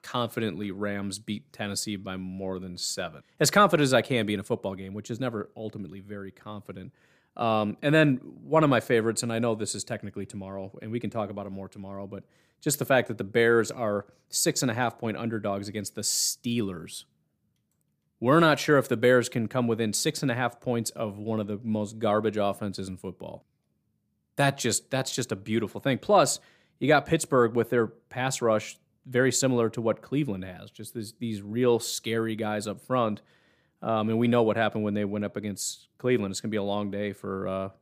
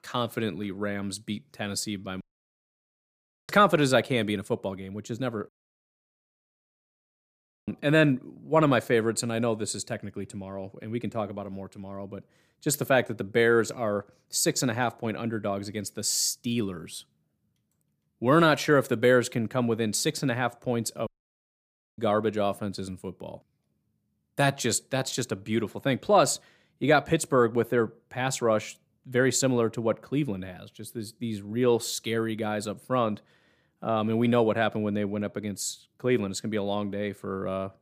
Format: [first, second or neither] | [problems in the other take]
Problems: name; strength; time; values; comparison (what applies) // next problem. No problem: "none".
first | audio cutting out; at 2 s for 1.5 s, at 5.5 s for 2 s and at 21 s for 1 s